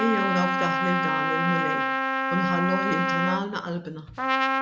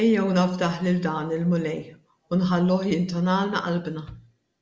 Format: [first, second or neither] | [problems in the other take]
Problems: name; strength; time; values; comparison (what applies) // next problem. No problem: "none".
second | background sound (Trumpet); 3 dB above the speech